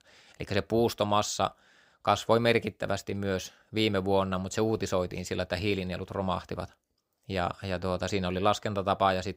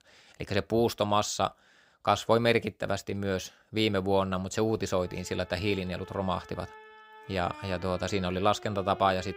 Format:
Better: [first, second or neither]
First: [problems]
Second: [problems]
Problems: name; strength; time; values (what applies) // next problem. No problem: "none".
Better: first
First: none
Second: background music; noticeable; from 5 s on; 20 dB below the speech